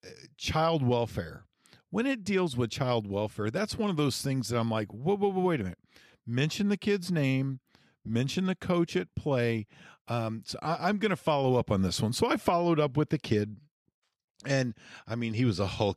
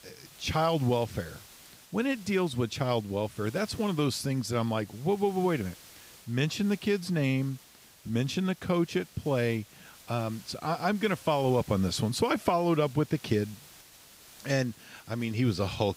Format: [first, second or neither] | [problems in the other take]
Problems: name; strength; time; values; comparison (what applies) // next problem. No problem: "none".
first | hiss; faint; throughout; 20 dB below the speech